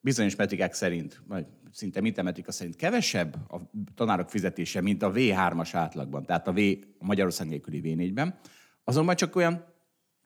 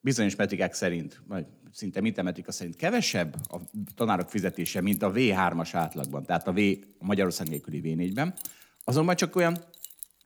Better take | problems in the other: first | jangling keys; noticeable; from 3 s on; peak 8 dB below the speech

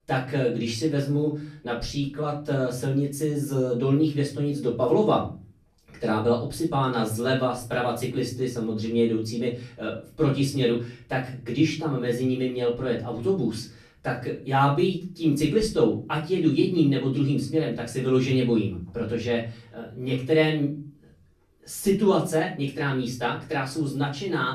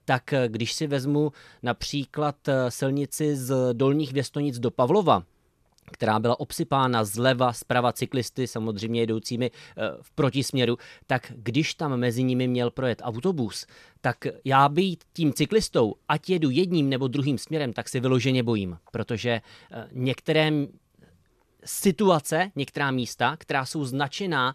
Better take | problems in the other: second | off-mic speech; far // room echo; slight; dies away in 0.4 s

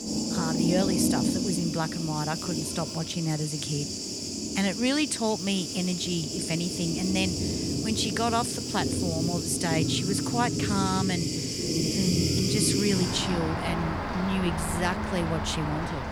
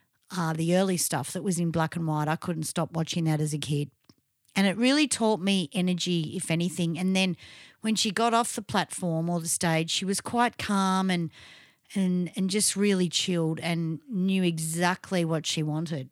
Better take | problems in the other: second | rain or running water; very loud; throughout; as loud as the speech

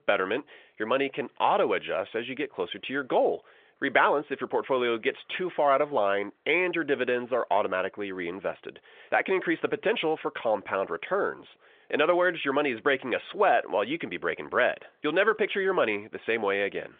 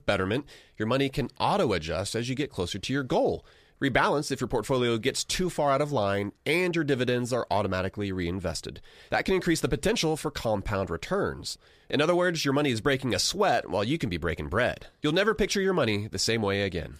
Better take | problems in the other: second | phone-call audio; nothing above 3.5 kHz

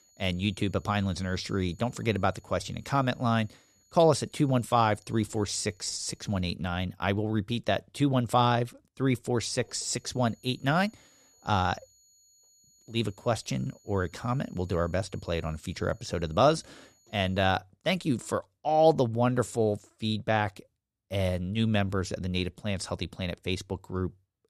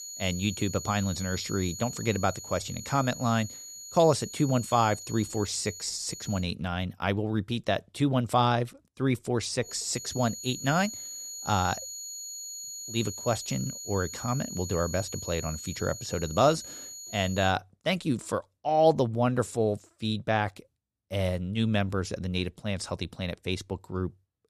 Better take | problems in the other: first | high-pitched whine; loud; until 6.5 s and from 9.5 to 17 s; 7 kHz, 9 dB below the speech; faint in the first

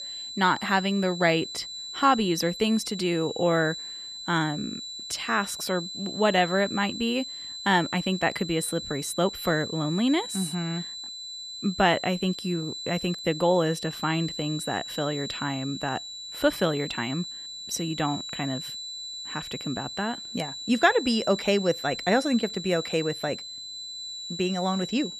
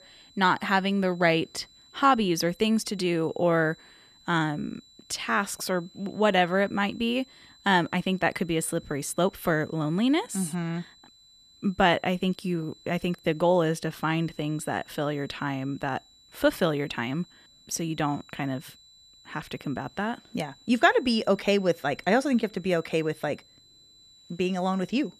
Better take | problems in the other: second | high-pitched whine; loud; throughout; 4 kHz, 8 dB below the speech; faint in the second

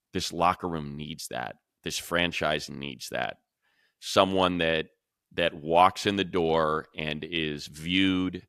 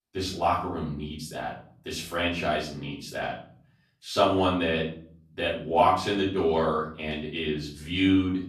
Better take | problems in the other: first | off-mic speech; far // room echo; noticeable; dies away in 0.6 s

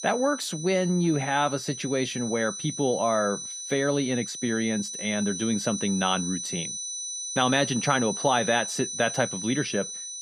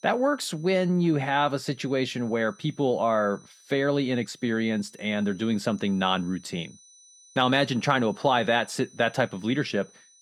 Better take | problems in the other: second | high-pitched whine; loud; throughout; 6 kHz, 6 dB below the speech; faint in the second

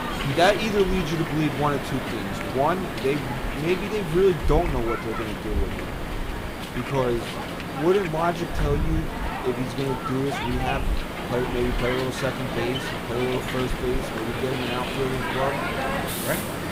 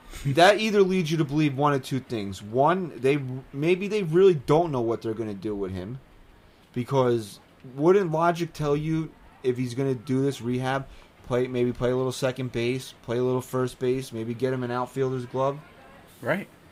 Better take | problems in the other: second | hiss; loud; throughout; 3 dB below the speech; faint in the second

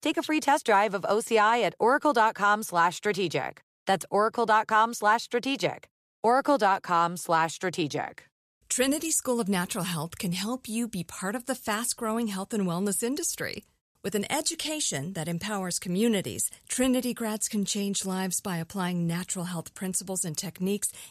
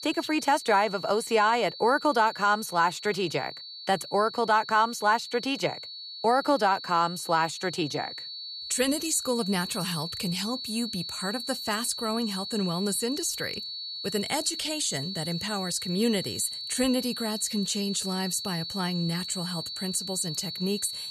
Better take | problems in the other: first | high-pitched whine; loud; throughout; 4.5 kHz, 7 dB below the speech

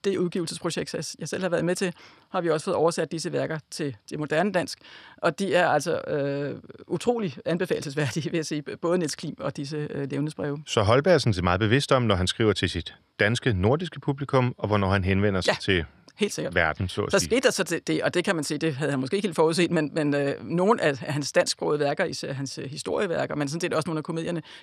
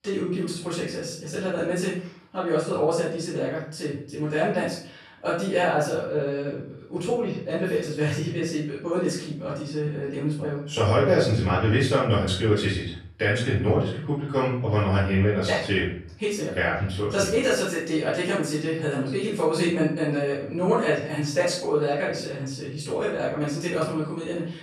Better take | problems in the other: first | room echo; noticeable; dies away in 0.5 s // off-mic speech; far

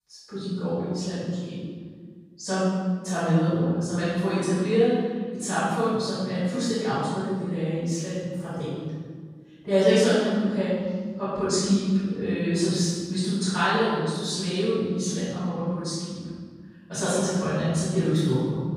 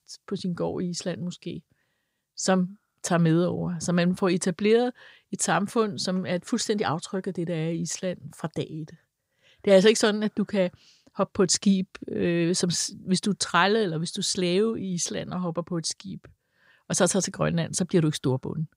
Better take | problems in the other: second | off-mic speech; far // room echo; strong; dies away in 1.5 s

